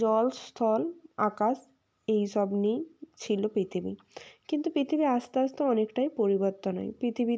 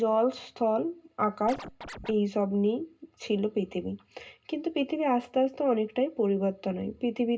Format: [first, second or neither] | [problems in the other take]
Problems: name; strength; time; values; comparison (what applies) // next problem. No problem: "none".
first | background sound (Scratching (performance technique)); 14 dB below the speech // room echo; dies away in 0.2 s